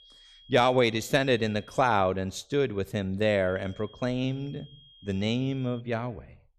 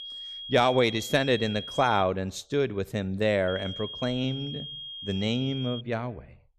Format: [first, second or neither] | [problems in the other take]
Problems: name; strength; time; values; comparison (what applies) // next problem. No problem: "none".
first | high-pitched whine; loud; until 2 s and from 3.5 to 6 s; 3.5 kHz, 10 dB below the speech; faint in the first